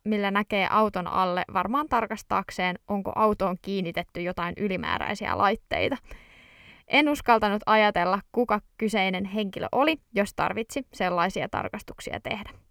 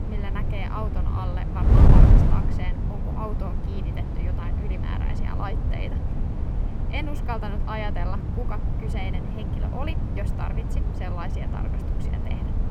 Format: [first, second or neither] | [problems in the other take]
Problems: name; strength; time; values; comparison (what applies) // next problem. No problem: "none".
first | wind noise on the microphone; heavy; as loud as the speech